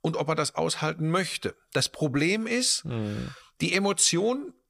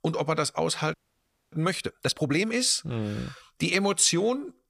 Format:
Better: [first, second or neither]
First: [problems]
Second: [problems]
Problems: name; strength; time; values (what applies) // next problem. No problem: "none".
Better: first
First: none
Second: audio freezing; at 1 s for 0.5 s